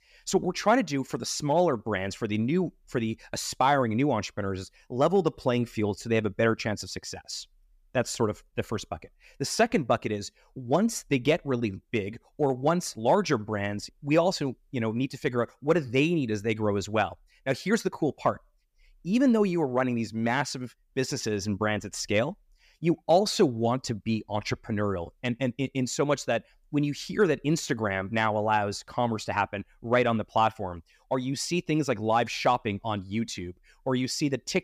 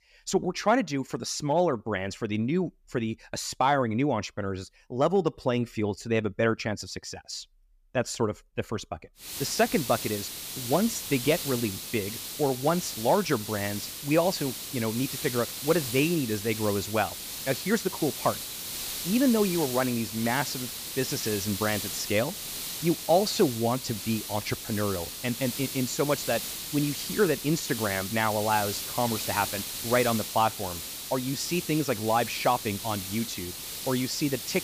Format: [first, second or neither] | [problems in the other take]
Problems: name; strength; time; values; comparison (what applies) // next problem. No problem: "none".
first | hiss; loud; from 9.5 s on; 5 dB below the speech